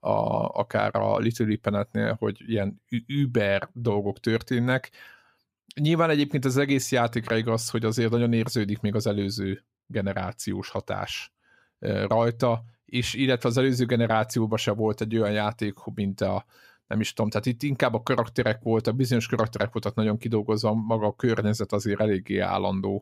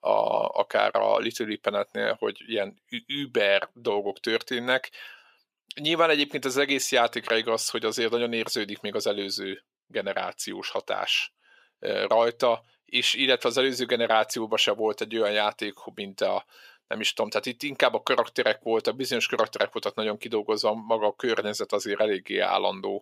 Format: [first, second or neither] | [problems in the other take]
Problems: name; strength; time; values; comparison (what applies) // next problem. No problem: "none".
first | thin; somewhat; fading below 450 Hz